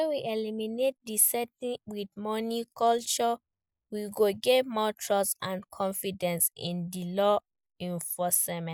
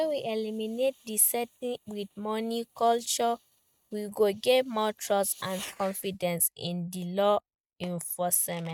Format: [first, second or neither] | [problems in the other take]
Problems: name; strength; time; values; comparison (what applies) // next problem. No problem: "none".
first | noise reduction (neural mask model RNNoise)